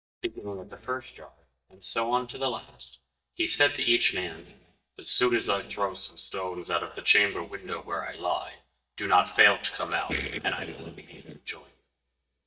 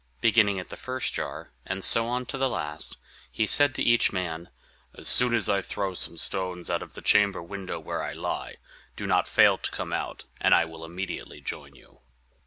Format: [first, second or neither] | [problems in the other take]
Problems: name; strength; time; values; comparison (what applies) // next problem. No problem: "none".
second | noise reduction (neural mask model DeepFilterNet 3)